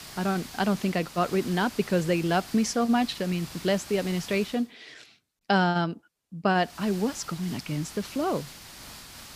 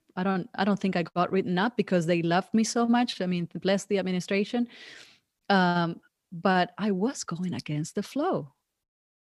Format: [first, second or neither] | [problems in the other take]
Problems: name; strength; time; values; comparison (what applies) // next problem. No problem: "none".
second | hiss; noticeable; until 4.5 s and from 6.5 s on; 15 dB below the speech